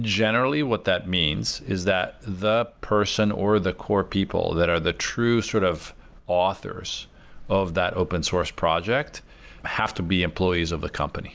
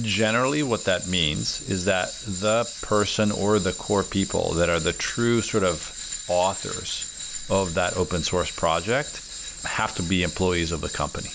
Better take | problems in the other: first | background sound (Tools); 10 dB below the speech

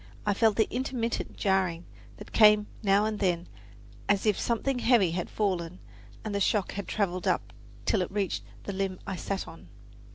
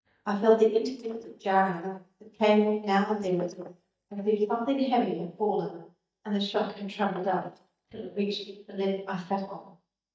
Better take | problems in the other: first | noise reduction (neural mask model DeepFilterNet 3)

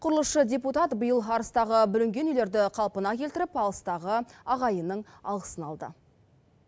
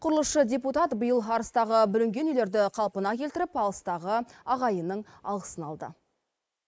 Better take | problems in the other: first | noise reduction (neural mask model Resemble Enhance denoiser)

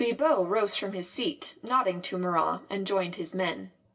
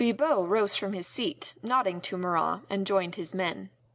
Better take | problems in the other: second | room echo; dies away in 0.2 s

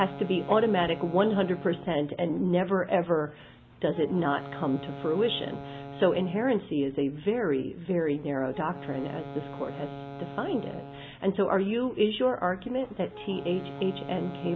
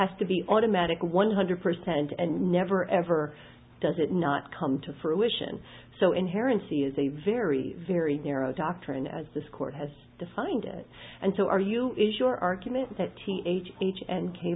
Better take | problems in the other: second | background sound (Wind instrument, woodwind instrument); 14 dB below the speech

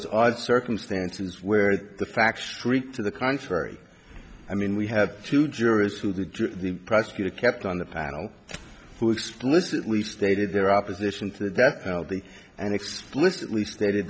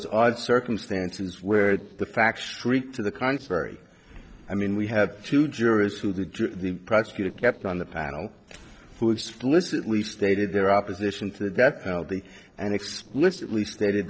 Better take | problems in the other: first | noise reduction (neural separator model SepFormer DNS4)

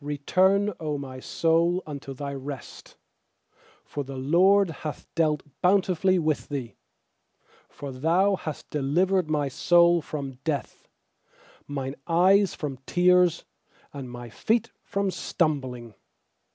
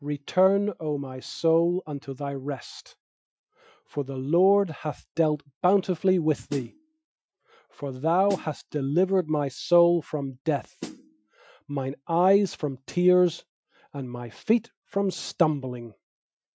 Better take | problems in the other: first | noise reduction (classical method Wiener filter)

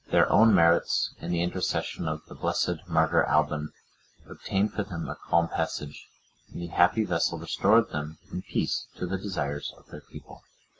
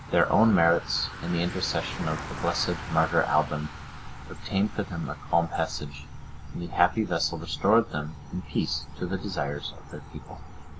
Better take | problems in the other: first | background sound (Bicycle); 11 dB below the speech

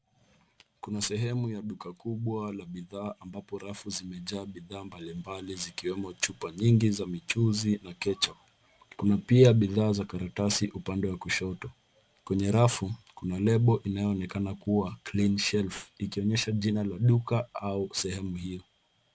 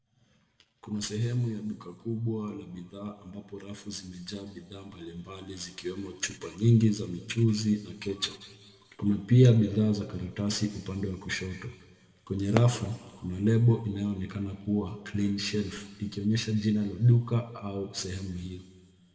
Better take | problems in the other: first | background sound (Fireworks); 9 dB below the speech // room echo; dies away in 1.3 s

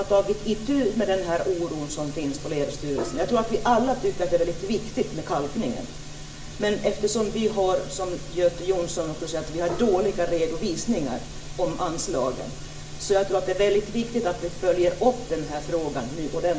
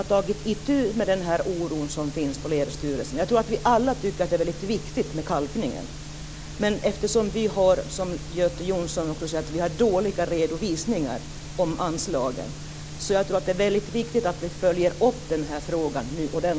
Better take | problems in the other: second | background sound (Gong); 10 dB below the speech // room echo; dies away in 1.1 s

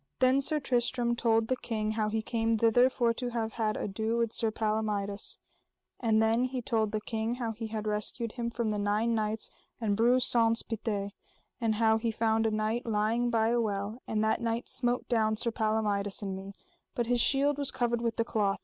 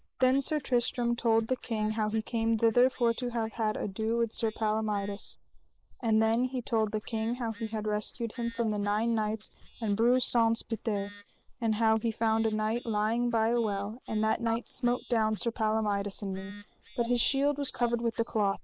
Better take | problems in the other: first | noise reduction (neural mask model Resemble Enhance denoiser)

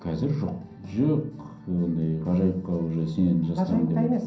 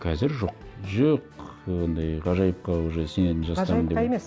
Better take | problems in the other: second | room echo; dies away in 0.6 s

